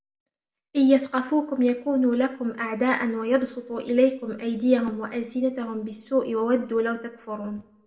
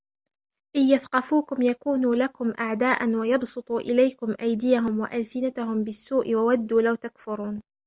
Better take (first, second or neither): second